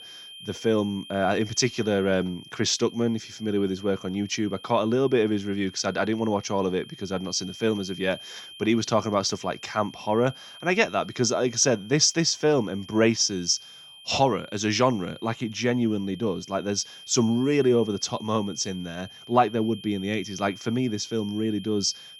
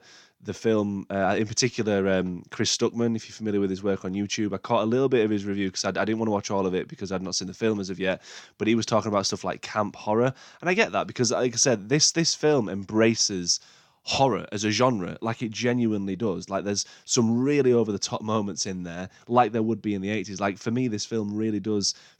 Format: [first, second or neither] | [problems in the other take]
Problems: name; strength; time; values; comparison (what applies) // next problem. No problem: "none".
second | high-pitched whine; noticeable; throughout; 3 kHz, 20 dB below the speech